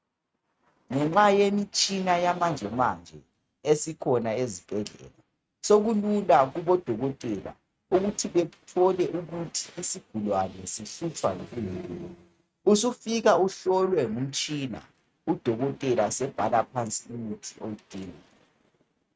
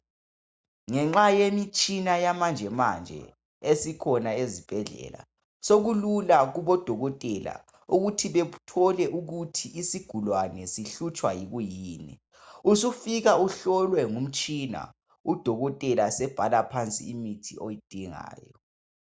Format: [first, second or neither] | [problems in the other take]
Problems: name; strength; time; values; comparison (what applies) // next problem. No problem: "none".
second | noise reduction (neural mask model RNNoise)